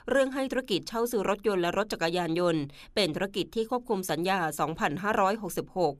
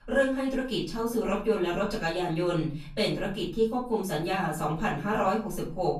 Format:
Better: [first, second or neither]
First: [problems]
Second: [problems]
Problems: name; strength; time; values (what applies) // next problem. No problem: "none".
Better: first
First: none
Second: off-mic speech; far // room echo; slight; dies away in 0.6 s